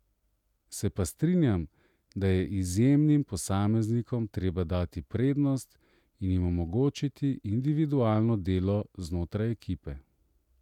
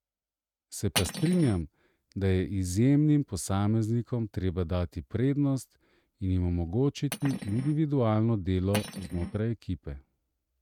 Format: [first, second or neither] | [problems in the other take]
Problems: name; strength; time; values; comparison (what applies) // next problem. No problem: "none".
first | noise reduction (neural mask model RNNoise)